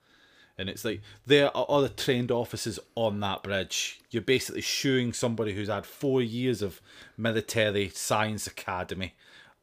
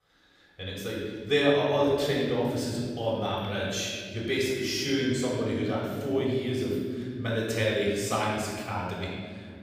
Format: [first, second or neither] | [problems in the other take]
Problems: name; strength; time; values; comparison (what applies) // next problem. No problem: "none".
first | off-mic speech; far // room echo; strong; dies away in 2.4 s